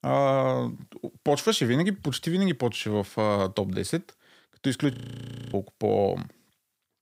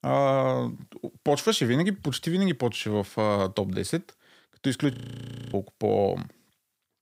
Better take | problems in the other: neither | audio freezing; at 5 s for 0.5 s; the same in both

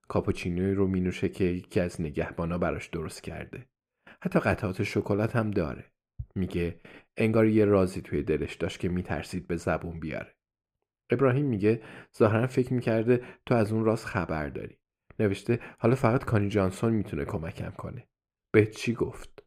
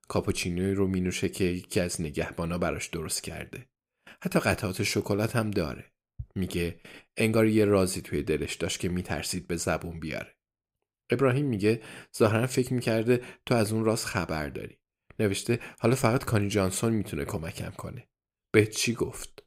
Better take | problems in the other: second | muffled; slightly; fading above 3 kHz

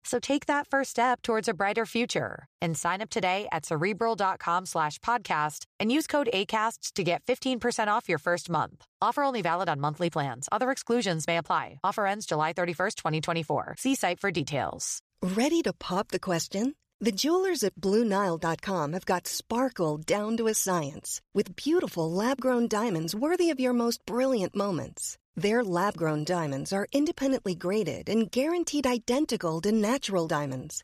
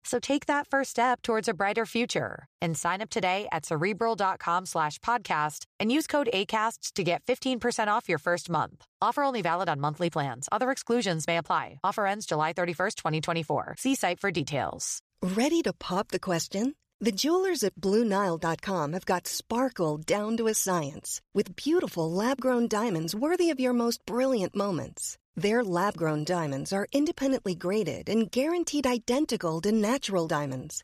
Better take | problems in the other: neither | none

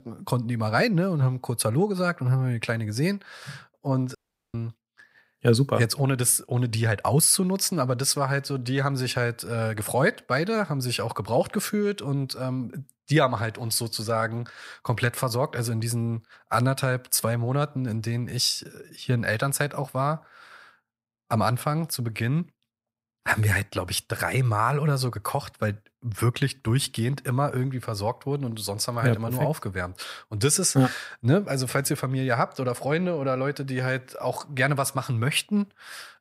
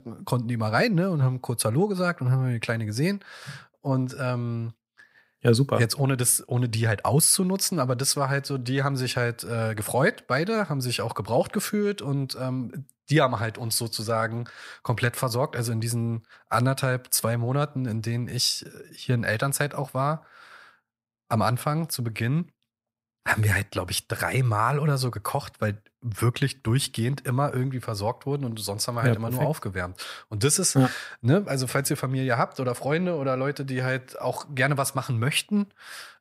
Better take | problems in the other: second | audio cutting out; at 4 s

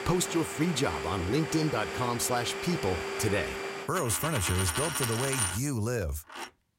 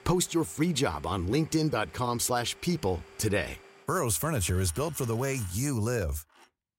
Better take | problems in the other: second | household noises; loud; throughout; 4 dB below the speech; faint in the second

